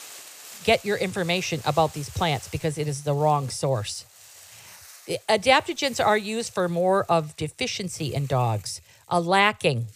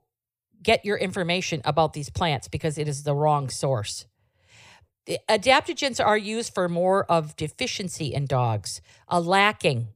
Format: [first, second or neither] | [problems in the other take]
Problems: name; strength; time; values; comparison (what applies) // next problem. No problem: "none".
second | hiss; faint; throughout; 20 dB below the speech